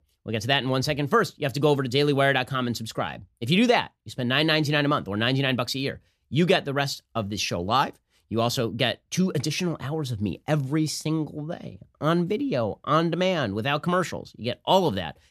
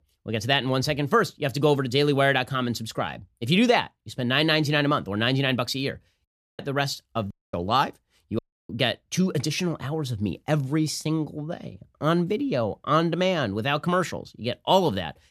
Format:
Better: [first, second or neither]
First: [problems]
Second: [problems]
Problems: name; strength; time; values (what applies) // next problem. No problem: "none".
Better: first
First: none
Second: audio cutting out; at 6.5 s, at 7.5 s and at 8.5 s